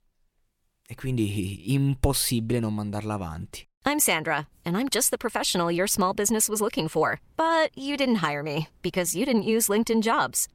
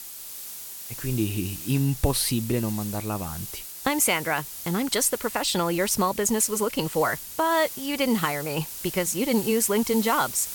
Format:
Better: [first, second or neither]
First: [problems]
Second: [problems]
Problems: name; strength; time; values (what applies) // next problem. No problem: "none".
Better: first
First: none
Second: hiss; loud; throughout; 10 dB below the speech